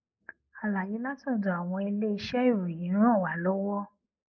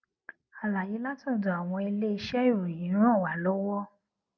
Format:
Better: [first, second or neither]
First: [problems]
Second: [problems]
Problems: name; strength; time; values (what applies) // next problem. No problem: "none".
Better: second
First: noise reduction (neural mask model Resemble Enhance denoiser)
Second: none